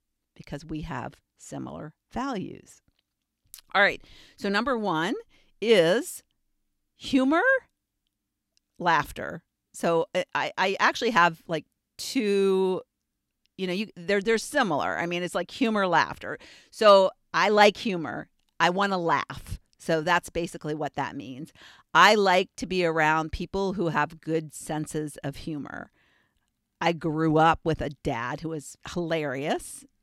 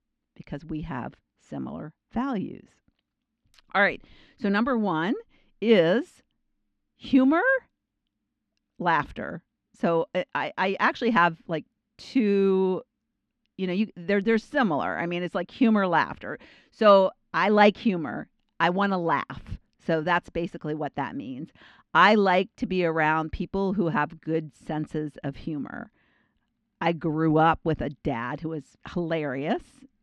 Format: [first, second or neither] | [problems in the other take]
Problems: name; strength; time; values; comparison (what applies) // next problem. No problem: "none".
first | muffled; slightly; fading above 3 kHz